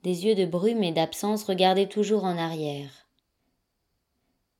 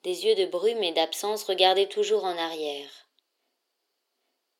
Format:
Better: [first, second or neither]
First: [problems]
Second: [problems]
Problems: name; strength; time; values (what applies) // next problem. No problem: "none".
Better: first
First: none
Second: thin; very; fading below 400 Hz